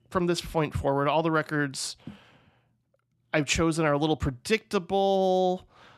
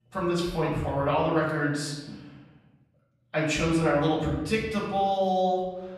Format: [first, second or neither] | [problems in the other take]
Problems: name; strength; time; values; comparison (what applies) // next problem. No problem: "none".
first | off-mic speech; far // room echo; noticeable; dies away in 1.1 s